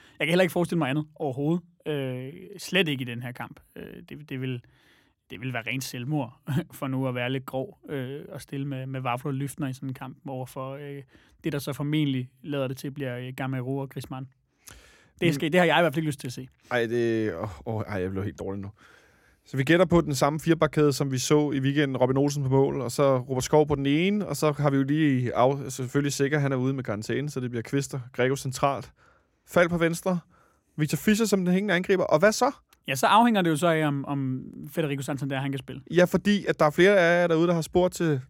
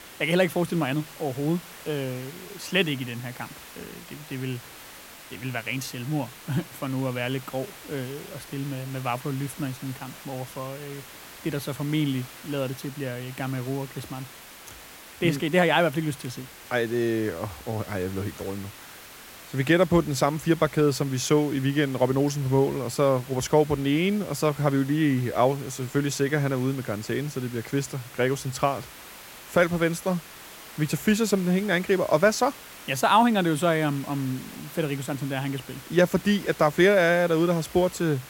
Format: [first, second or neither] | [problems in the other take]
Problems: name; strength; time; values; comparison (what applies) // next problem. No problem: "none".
first | hiss; noticeable; throughout; 15 dB below the speech